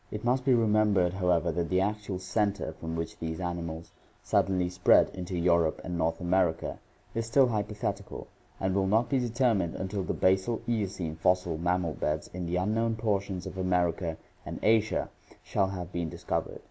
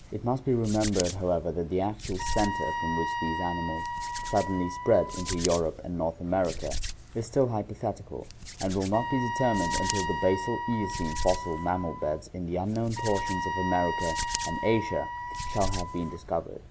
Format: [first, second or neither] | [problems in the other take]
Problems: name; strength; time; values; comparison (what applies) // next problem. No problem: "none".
first | background sound (Hands + Wind instrument, woodwind instrument); 4 dB below the speech